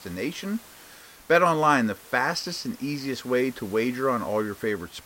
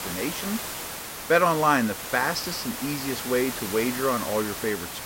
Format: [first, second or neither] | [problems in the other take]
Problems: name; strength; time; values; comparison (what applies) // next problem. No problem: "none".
first | hiss; loud; throughout; 6 dB below the speech; faint in the first